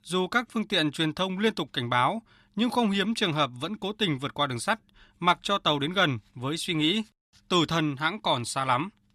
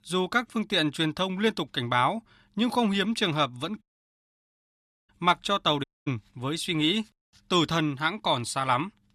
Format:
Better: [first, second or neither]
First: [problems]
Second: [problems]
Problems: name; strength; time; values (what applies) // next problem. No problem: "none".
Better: first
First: none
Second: audio cutting out; at 4 s for 1.5 s and at 6 s